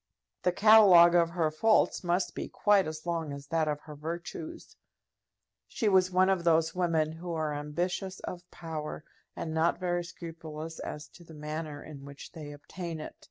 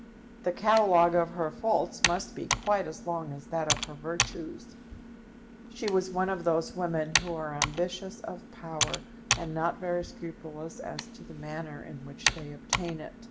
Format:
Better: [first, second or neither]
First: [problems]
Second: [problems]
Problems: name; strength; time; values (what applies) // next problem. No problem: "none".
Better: first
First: none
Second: background sound (Computer keyboard); 4 dB below the speech // room echo; dies away in 0.6 s